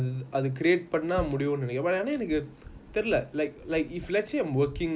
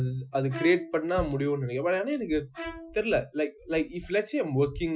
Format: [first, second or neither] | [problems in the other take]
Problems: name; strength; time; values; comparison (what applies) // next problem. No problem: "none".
first | noise reduction (classical method Wiener filter)